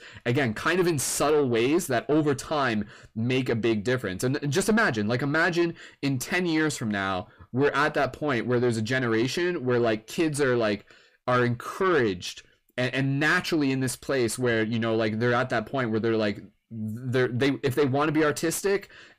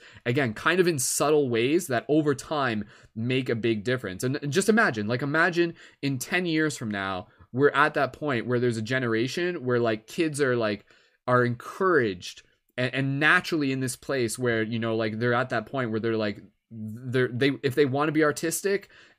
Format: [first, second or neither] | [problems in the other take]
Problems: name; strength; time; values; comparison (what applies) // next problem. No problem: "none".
second | distortion; slight; 10 dB below the speech